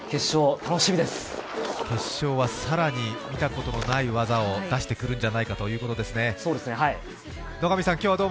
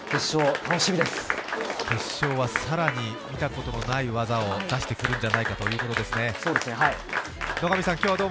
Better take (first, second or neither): first